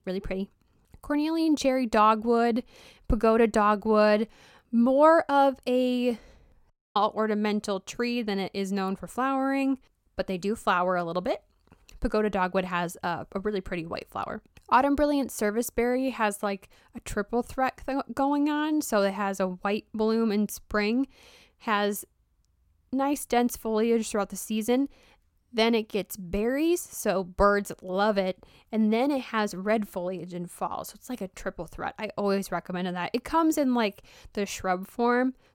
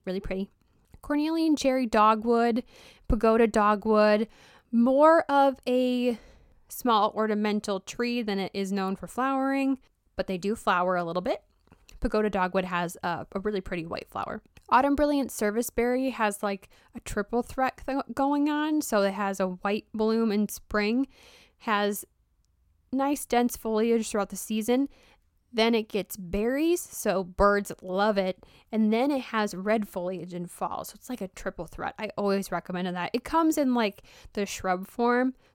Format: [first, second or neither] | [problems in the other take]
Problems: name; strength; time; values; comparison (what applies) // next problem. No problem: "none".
second | audio cutting out; at 6.5 s